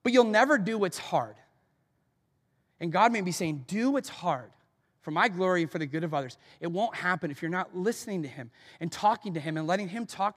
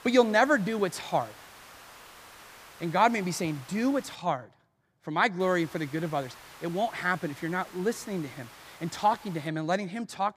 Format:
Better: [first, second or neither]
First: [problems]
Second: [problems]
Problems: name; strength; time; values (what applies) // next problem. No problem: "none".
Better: first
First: none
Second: hiss; noticeable; until 4 s and from 5.5 to 9.5 s; 20 dB below the speech